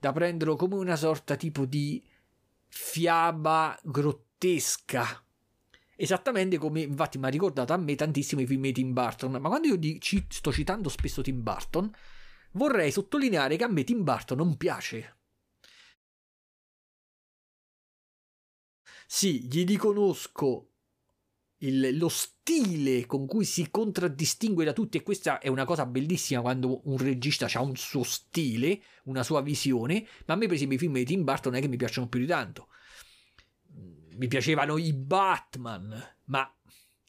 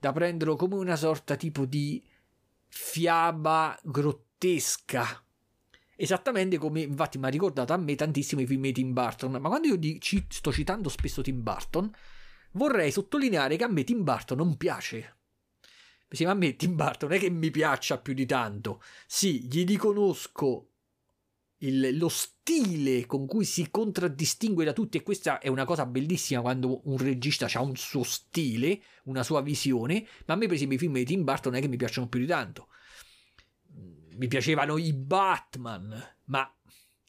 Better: second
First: audio cutting out; at 16 s for 3 s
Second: none

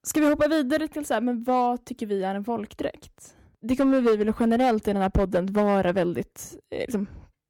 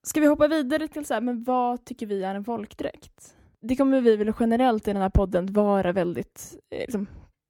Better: second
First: distortion; slight; 5% of the sound clipped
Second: none

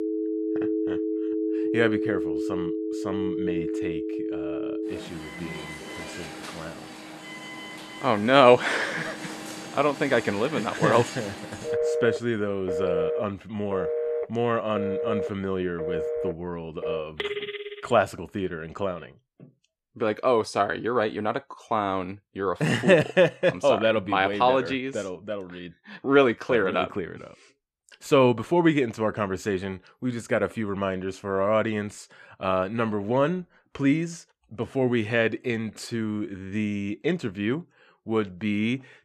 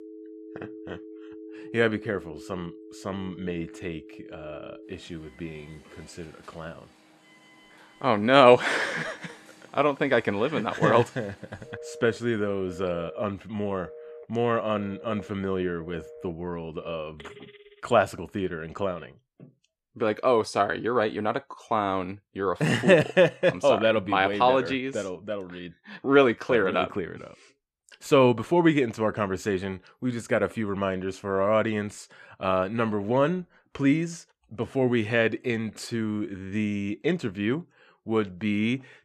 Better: second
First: alarms or sirens; loud; until 17 s; 5 dB below the speech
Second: alarms or sirens; faint; until 17 s; 20 dB below the speech

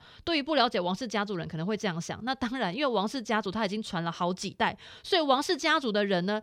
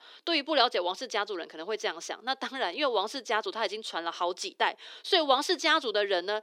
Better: first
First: none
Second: thin; somewhat; fading below 300 Hz

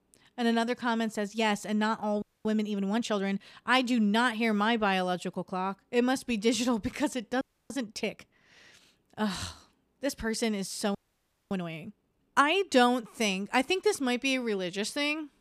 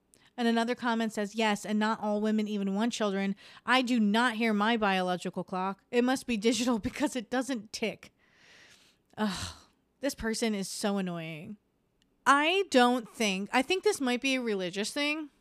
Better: second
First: audio freezing; at 2 s, at 7.5 s and at 11 s for 0.5 s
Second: none

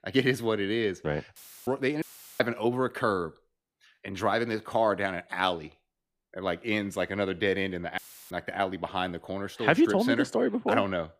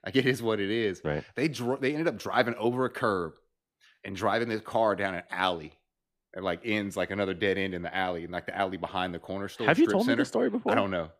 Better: second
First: audio cutting out; filled with static; at 1.5 s, at 2 s and at 8 s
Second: none

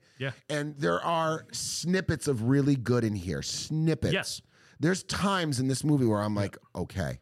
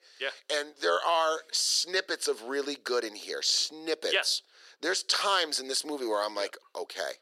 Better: first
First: none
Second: thin; very; fading below 400 Hz

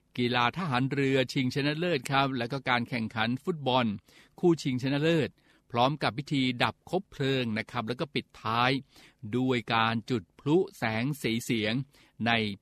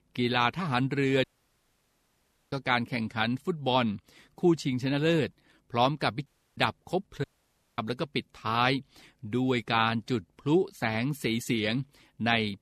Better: first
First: none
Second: audio cutting out; at 1 s for 1.5 s, at 6.5 s and at 7 s for 0.5 s

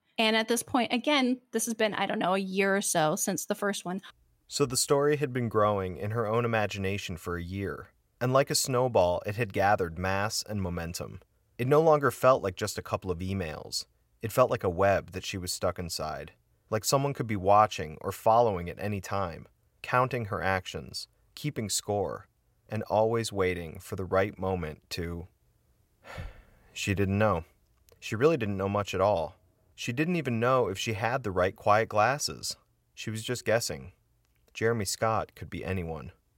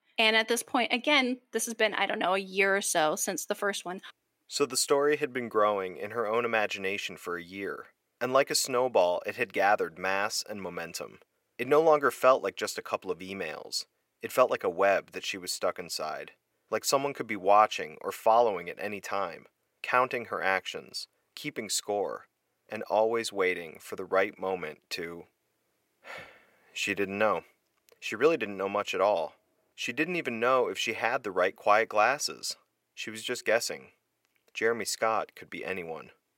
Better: first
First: none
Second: thin; somewhat; fading below 350 Hz

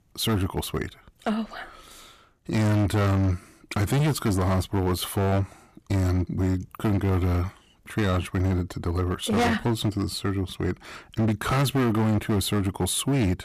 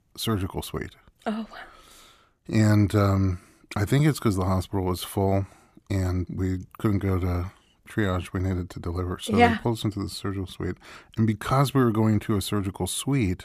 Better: second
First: distortion; heavy; 16% of the sound clipped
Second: none

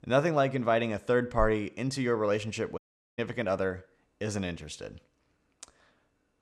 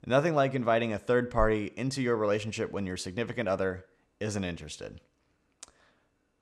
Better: second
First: audio cutting out; at 3 s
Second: none

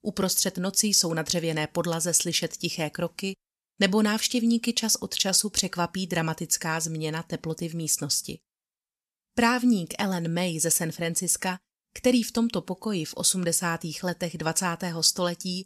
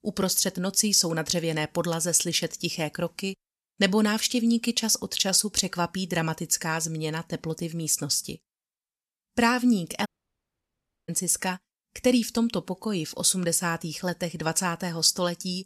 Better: first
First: none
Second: audio cutting out; at 10 s for 1 s

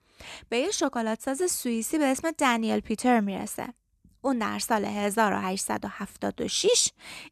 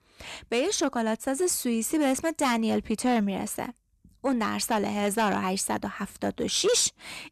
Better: first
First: none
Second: distortion; slight; 10 dB below the speech

